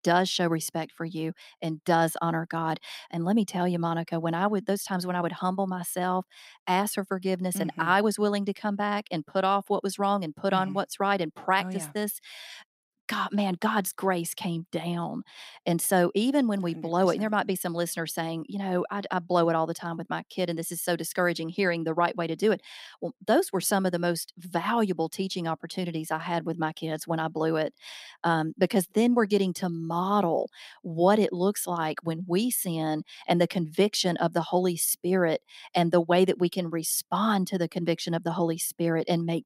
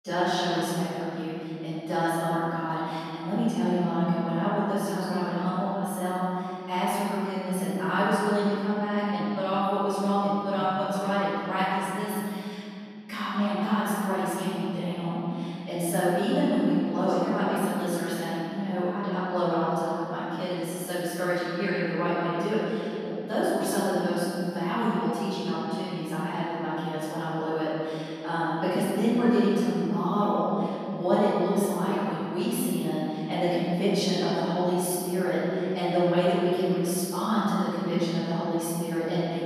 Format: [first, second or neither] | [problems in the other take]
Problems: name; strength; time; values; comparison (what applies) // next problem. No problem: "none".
first | off-mic speech; far // room echo; strong; dies away in 2.8 s